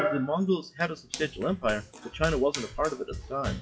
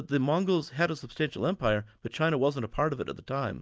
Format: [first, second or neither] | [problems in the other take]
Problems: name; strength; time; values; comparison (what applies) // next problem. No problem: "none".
second | noise reduction (classical method WPE with log-MMSE)